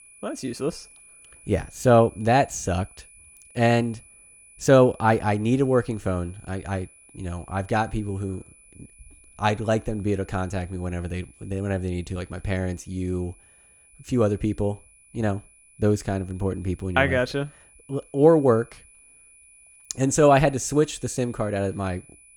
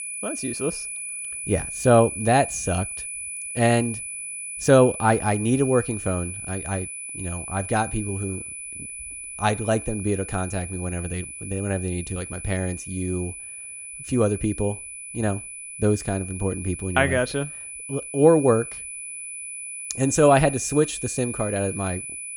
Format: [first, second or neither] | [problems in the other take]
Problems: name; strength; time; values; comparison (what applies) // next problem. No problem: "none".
first | high-pitched whine; loud; throughout; 10 kHz, 8 dB below the speech; faint in the first